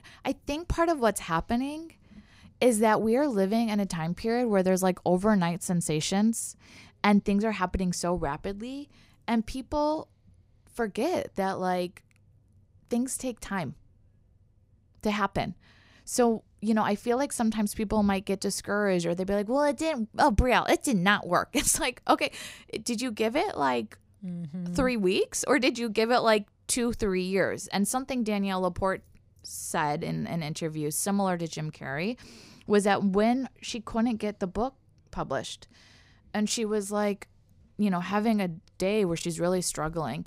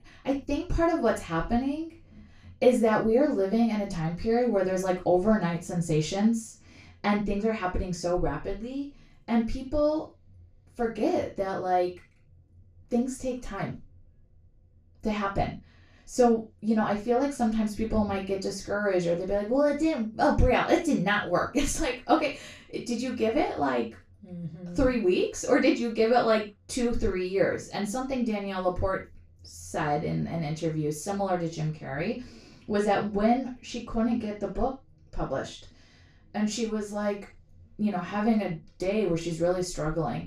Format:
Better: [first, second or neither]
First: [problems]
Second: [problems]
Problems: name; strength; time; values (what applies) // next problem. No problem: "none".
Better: first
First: none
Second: room echo; slight; dies away in 0.3 s // off-mic speech; far